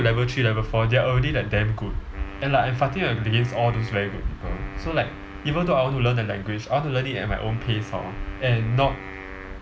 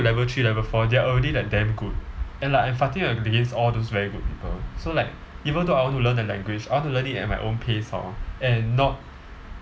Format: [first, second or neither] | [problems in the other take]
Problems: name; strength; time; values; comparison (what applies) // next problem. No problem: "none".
second | background sound (Wind instrument, woodwind instrument); 17 dB below the speech